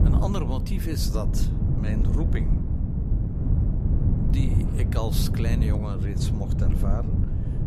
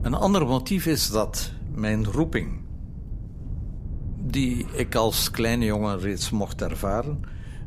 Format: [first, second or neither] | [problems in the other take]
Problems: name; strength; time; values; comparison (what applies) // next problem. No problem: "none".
second | wind noise on the microphone; heavy; 1 dB below the speech; occasional gusts in the second